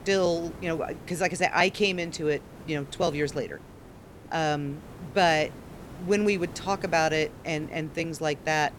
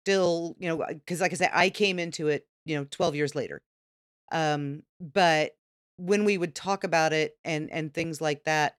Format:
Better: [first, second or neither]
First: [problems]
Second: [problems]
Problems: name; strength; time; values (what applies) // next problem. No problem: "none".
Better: second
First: hiss; noticeable; throughout; 20 dB below the speech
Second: none